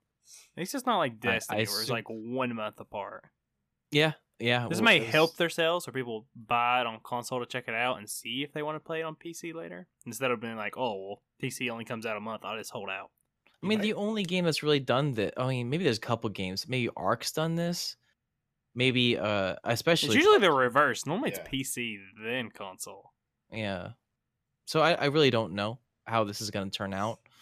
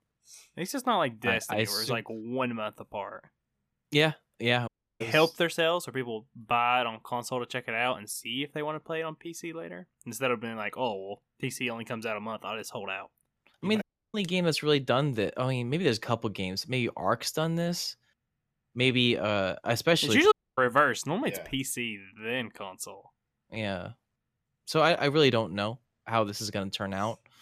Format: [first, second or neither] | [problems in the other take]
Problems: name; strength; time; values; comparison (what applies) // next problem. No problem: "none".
first | audio cutting out; at 4.5 s, at 14 s and at 20 s